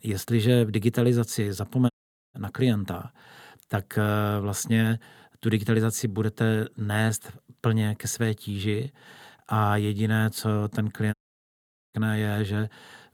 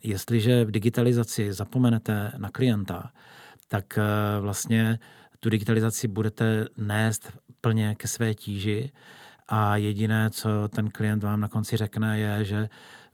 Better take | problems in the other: second | audio cutting out; at 2 s and at 11 s for 1 s

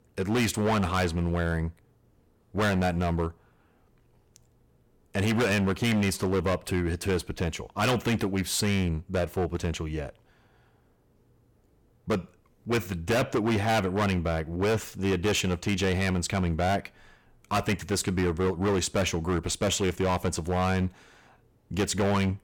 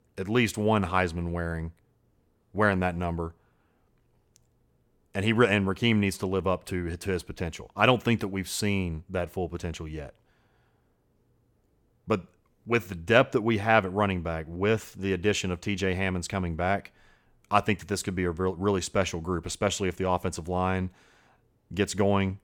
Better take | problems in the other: second | distortion; heavy; 13% of the sound clipped

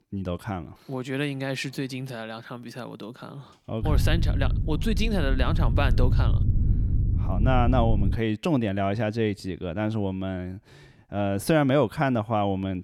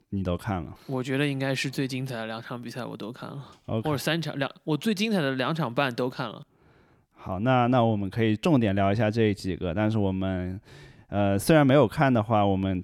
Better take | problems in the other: second | low rumble; noticeable; from 4 to 8 s; 10 dB below the speech

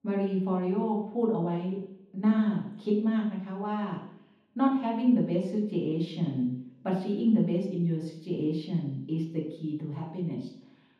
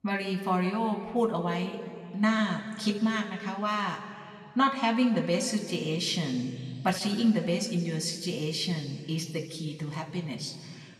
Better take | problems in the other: second | room echo; strong; dies away in 0.9 s; slight in the second // off-mic speech; far; somewhat distant in the second

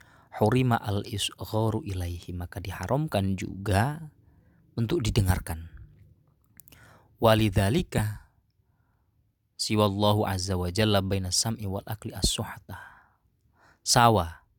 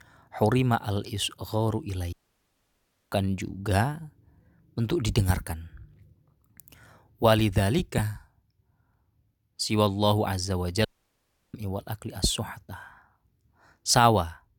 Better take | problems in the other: first | audio cutting out; at 2 s for 1 s and at 11 s for 0.5 s

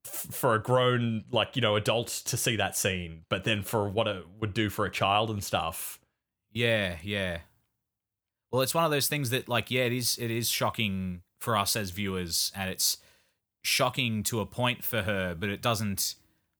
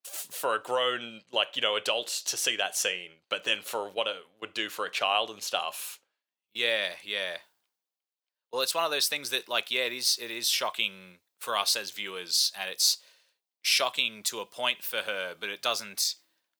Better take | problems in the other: first | thin; very; fading below 500 Hz

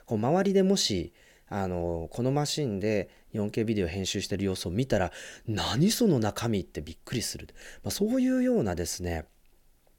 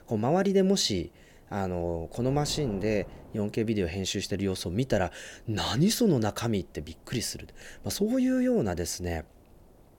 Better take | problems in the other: first | wind noise on the microphone; occasional gusts; 25 dB below the speech

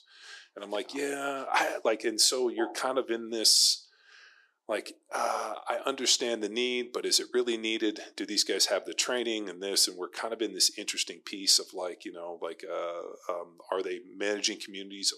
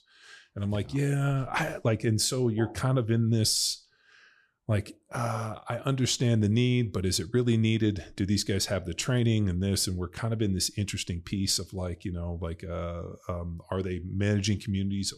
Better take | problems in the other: second | thin; very; fading below 300 Hz

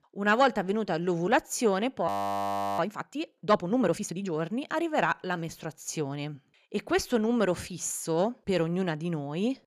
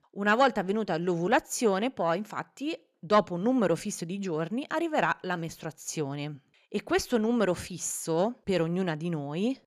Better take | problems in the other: second | audio freezing; at 2 s for 0.5 s

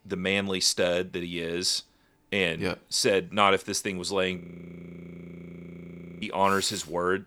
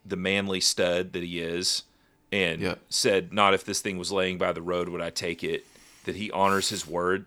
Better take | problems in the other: second | audio freezing; at 4.5 s for 2 s

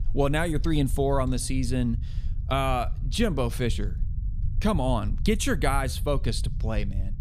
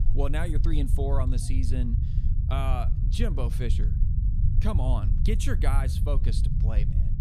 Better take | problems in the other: first | low rumble; loud; throughout; 7 dB below the speech; faint in the first

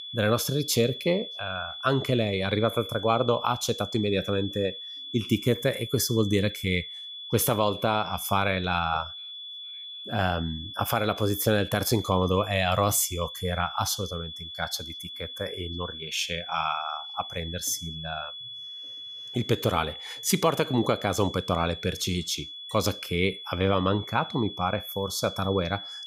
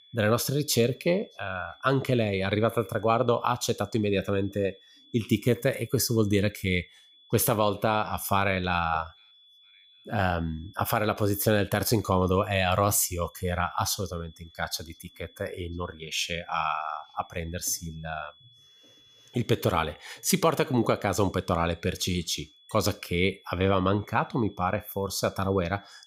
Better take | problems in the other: second | high-pitched whine; loud; throughout; 3.5 kHz, 10 dB below the speech; faint in the second

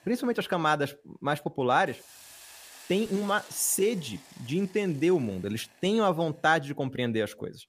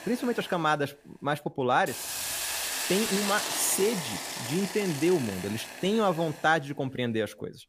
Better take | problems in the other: first | hiss; loud; throughout; 4 dB below the speech; faint in the first

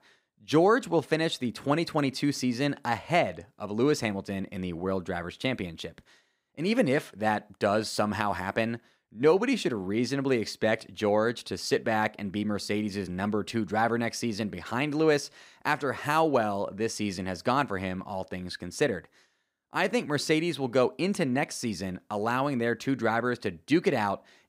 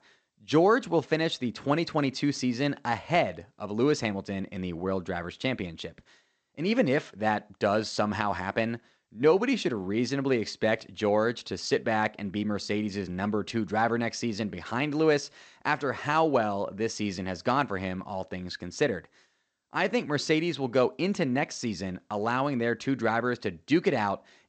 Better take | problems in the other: first | garbled, watery; slightly; nothing above 7.5 kHz

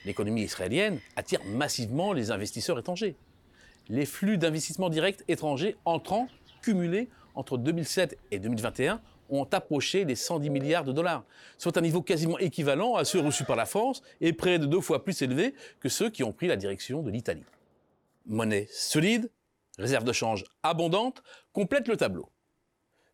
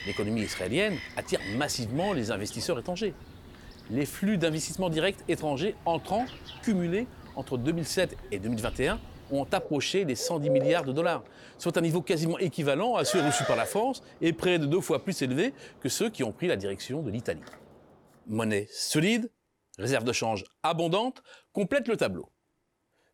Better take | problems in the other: first | animal sounds; loud; until 18 s; 9 dB below the speech; faint in the first

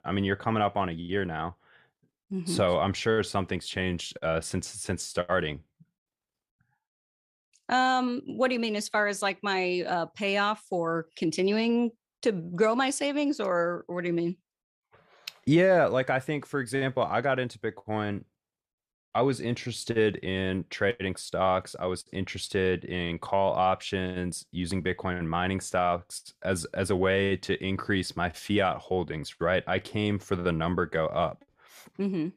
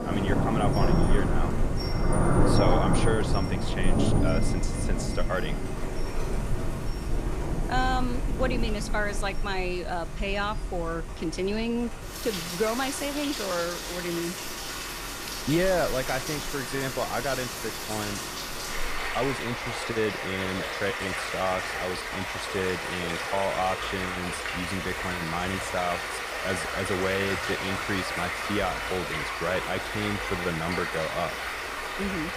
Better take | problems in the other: first | rain or running water; very loud; throughout; 1 dB above the speech

